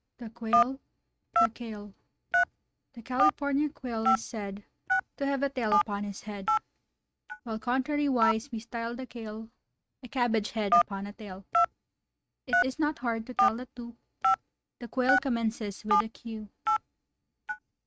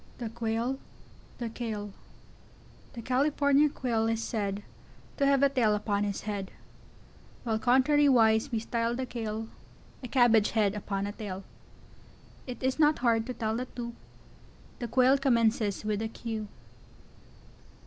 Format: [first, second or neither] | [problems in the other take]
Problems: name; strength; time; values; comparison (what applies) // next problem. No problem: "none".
second | noise reduction (neural mask model RNNoise)